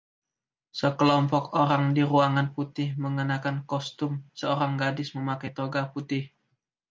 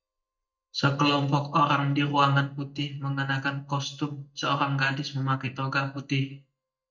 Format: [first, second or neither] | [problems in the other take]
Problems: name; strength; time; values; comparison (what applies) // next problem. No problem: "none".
first | noise reduction (neural mask model DeepFilterNet 3)